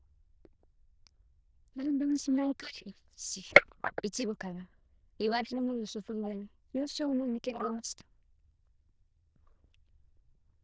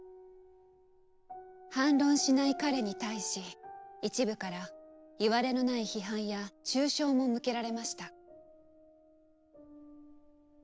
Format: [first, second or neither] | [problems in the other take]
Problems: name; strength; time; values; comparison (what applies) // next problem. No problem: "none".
second | noise reduction (neural diffusion model UNIVERSE++)